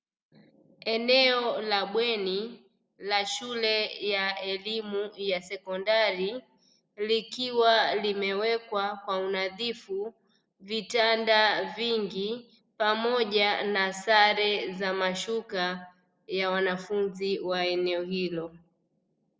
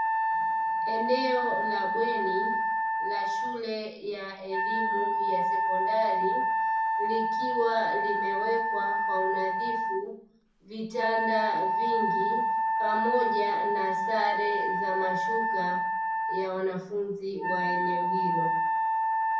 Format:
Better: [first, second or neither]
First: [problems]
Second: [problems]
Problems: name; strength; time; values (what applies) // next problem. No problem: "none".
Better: first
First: none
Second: background sound (Wind instrument, woodwind instrument); 5 dB above the speech // room echo; dies away in 0.6 s